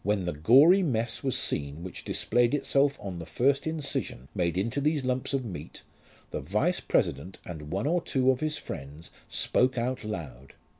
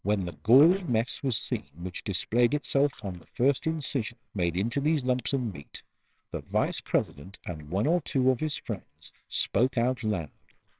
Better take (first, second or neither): first